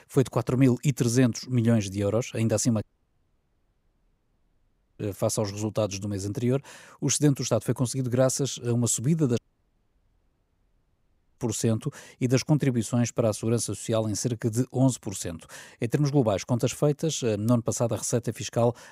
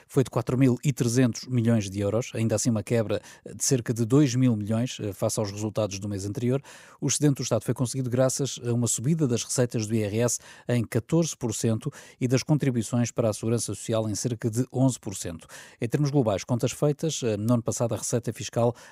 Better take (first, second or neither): second